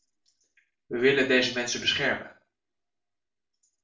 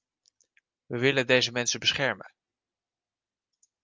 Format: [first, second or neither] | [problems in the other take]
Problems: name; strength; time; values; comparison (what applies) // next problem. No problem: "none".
second | room echo; dies away in 0.4 s